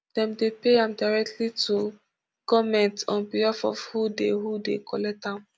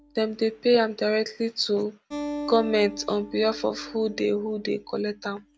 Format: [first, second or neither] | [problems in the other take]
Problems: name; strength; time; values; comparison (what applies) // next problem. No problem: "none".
first | background sound (Acoustic guitar); 14 dB below the speech